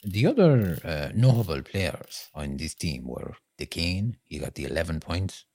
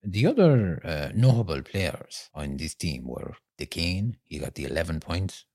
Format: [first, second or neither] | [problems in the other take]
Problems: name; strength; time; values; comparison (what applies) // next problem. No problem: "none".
second | machinery noise; faint; throughout; 25 dB below the speech